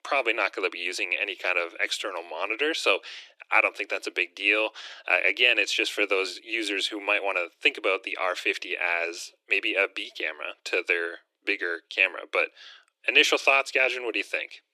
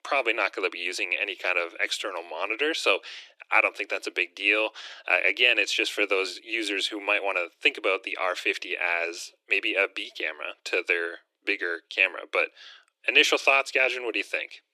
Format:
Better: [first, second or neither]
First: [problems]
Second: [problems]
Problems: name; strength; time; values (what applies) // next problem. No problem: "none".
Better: neither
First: thin; very; fading below 300 Hz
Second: thin; very; fading below 300 Hz